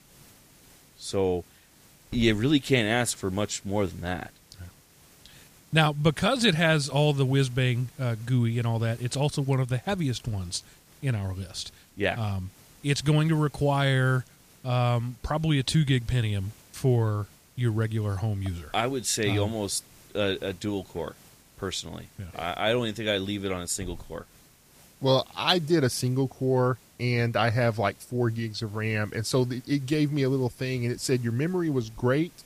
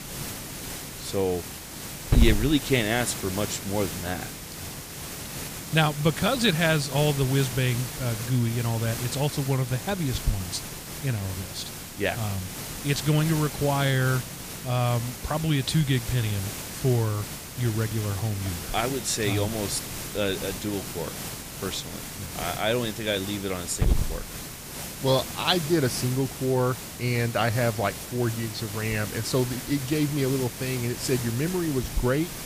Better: first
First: hiss; faint; throughout; 25 dB below the speech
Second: hiss; loud; throughout; 7 dB below the speech

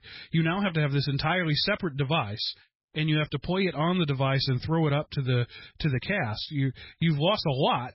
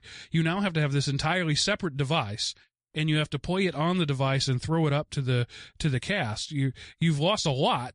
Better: second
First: garbled, watery; badly; nothing above 5.5 kHz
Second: garbled, watery; slightly; nothing above 10 kHz

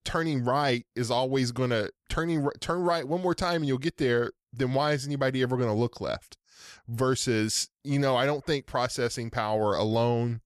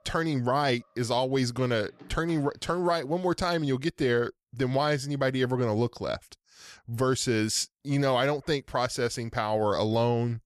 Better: first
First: none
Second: alarms or sirens; faint; until 2.5 s; 30 dB below the speech

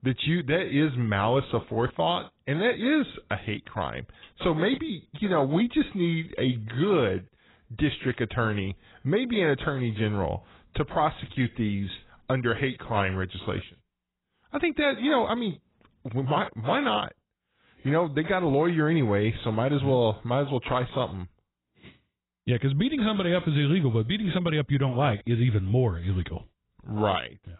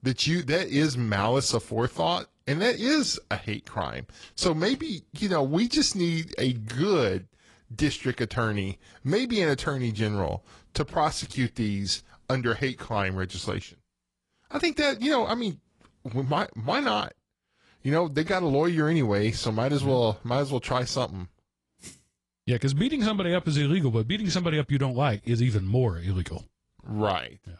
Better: second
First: garbled, watery; badly; nothing above 4 kHz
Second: garbled, watery; slightly; nothing above 10.5 kHz

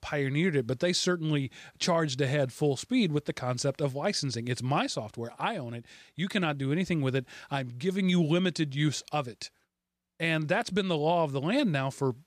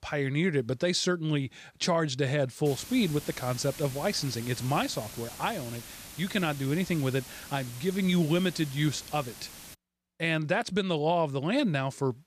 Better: first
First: none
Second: hiss; noticeable; from 2.5 to 9.5 s; 15 dB below the speech

